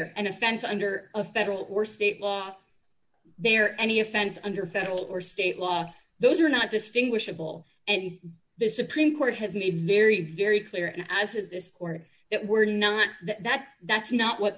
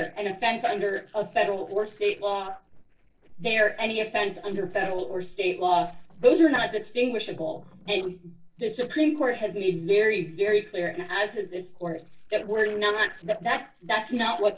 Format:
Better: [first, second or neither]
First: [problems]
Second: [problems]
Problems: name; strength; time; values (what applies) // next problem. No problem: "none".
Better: first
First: none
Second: noise reduction (neural separator model SepFormer DNS4)